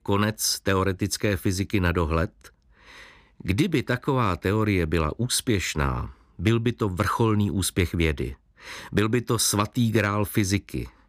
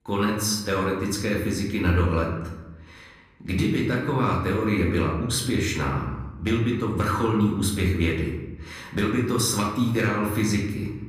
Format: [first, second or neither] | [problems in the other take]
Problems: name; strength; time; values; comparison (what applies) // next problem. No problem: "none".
first | room echo; noticeable; dies away in 0.9 s // off-mic speech; far